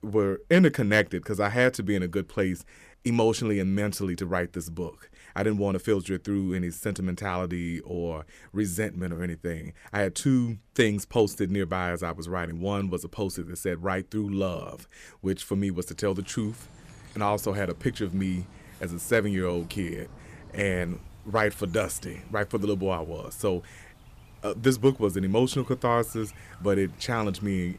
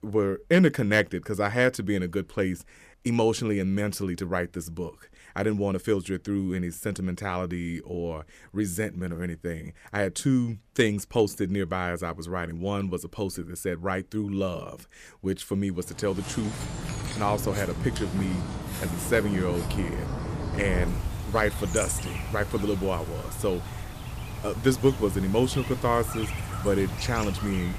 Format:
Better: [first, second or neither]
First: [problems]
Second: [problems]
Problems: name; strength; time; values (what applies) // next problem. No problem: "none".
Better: first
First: animal sounds; faint; from 16 s on; 20 dB below the speech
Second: animal sounds; loud; from 16 s on; 6 dB below the speech